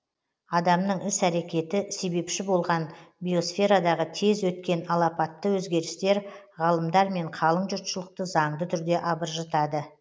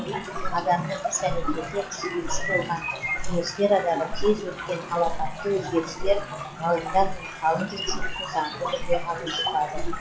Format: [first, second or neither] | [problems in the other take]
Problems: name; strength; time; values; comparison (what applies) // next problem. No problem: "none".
first | noise reduction (classical method log-MMSE)